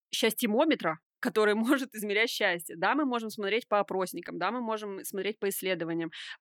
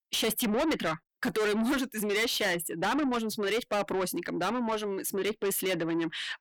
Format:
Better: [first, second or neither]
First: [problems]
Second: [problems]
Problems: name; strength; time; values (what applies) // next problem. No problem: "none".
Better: first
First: none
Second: distortion; heavy; 6 dB below the speech